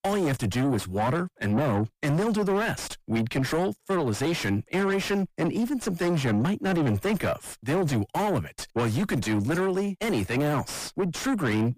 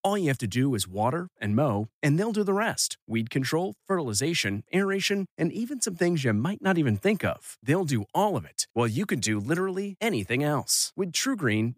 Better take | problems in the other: second | distortion; heavy; 5 dB below the speech

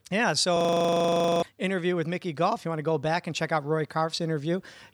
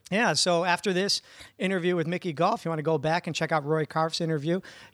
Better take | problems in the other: second | audio freezing; at 0.5 s for 1 s

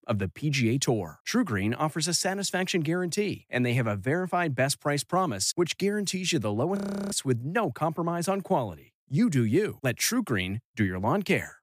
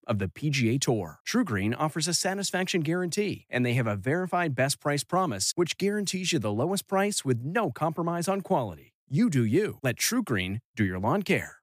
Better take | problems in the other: second | audio freezing; at 7 s

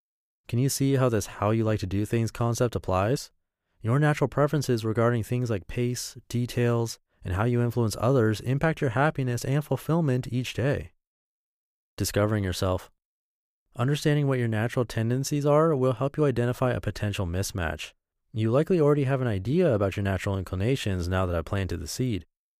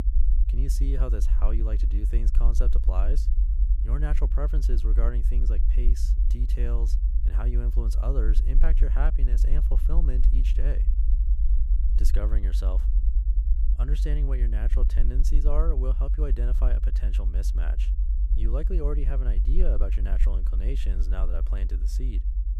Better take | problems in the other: first | low rumble; loud; throughout; 8 dB below the speech

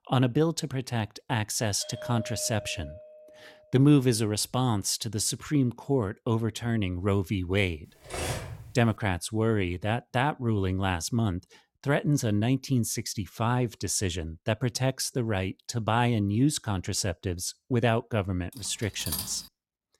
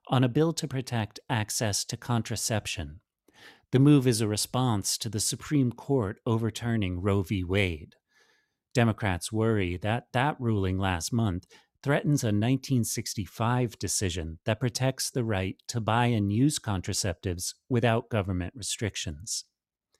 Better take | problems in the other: second | doorbell; faint; from 2 to 3.5 s; peak 10 dB below the speech // clattering dishes; noticeable; at 8 s and at 19 s; peak 4 dB below the speech

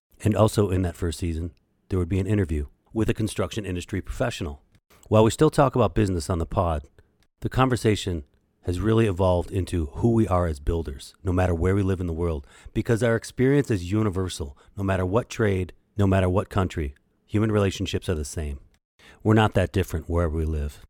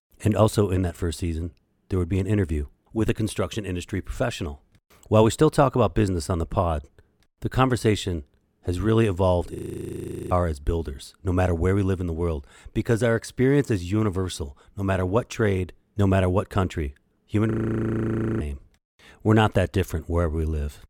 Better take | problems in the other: first | audio freezing; at 9.5 s for 1 s and at 18 s for 1 s

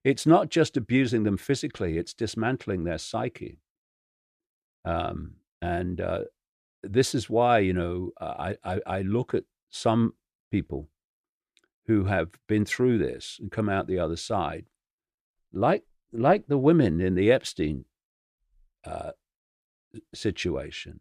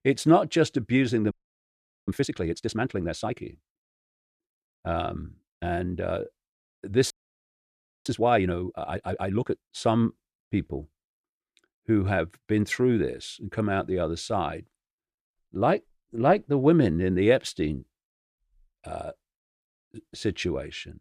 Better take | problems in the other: first | audio freezing; at 1.5 s for 1 s and at 7 s for 1 s

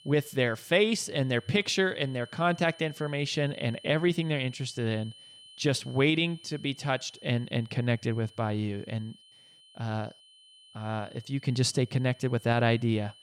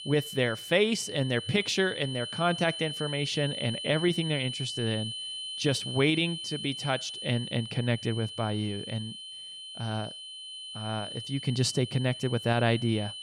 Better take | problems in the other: first | high-pitched whine; loud; throughout; 3 kHz, 7 dB below the speech; faint in the first

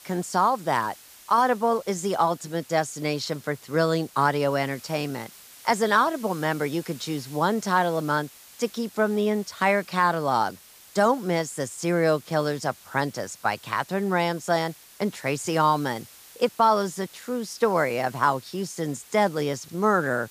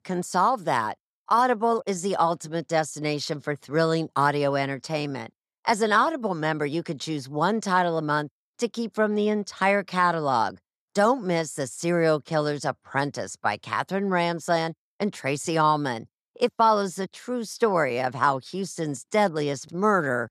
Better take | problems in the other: second | hiss; faint; throughout; 20 dB below the speech

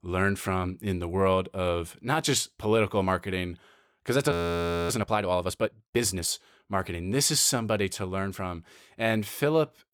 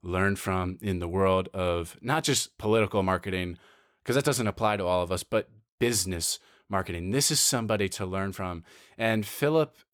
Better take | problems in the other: second | audio freezing; at 4.5 s for 0.5 s

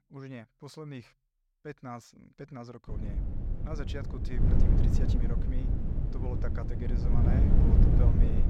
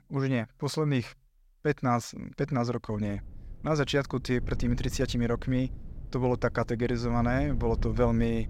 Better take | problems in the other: second | wind noise on the microphone; heavy; from 3 s on; 4 dB above the speech; occasional gusts in the second

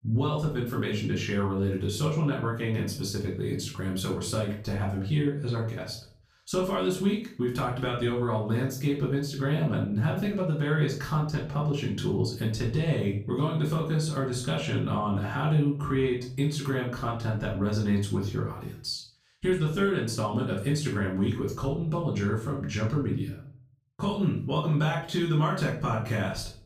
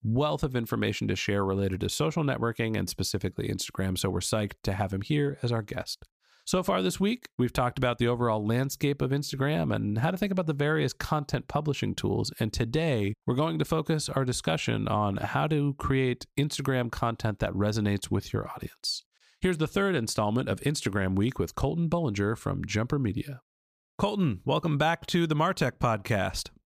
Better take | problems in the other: second | off-mic speech; far // room echo; slight; dies away in 0.4 s

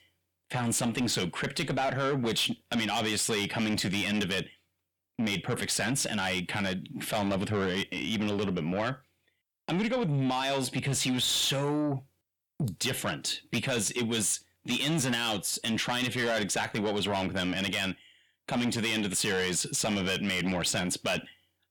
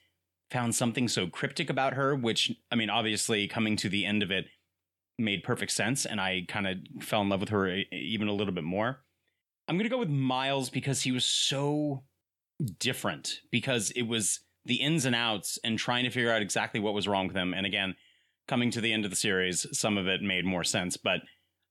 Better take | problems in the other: second | distortion; heavy; 8 dB below the speech

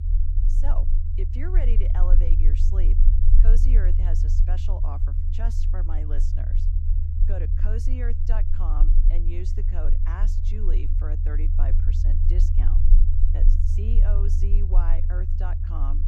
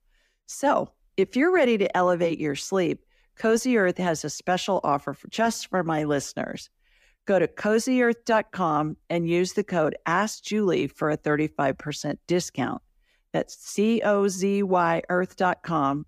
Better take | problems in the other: second | low rumble; loud; throughout; 2 dB below the speech

